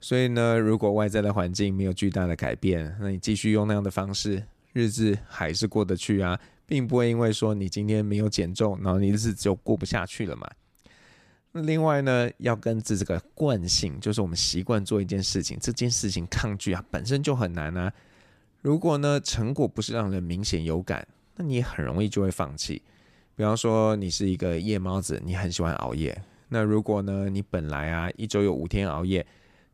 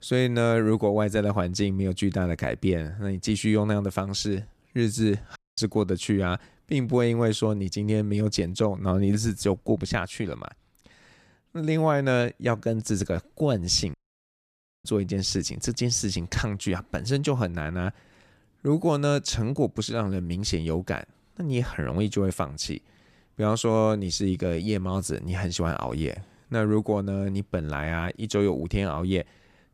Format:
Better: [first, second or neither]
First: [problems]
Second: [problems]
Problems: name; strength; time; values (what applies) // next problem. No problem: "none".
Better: first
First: none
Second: audio cutting out; at 5.5 s and at 14 s for 1 s